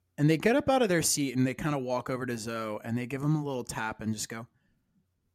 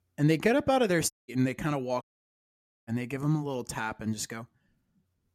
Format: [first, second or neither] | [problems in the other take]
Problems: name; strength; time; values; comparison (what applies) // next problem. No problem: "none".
first | audio cutting out; at 1 s and at 2 s for 1 s